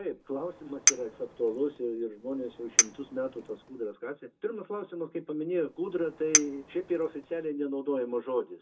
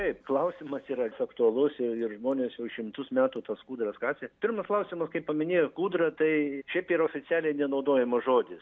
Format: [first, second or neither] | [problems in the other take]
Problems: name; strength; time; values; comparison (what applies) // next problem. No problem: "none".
second | background sound (Chink, clink); 1 dB above the speech // room echo; dies away in 0.2 s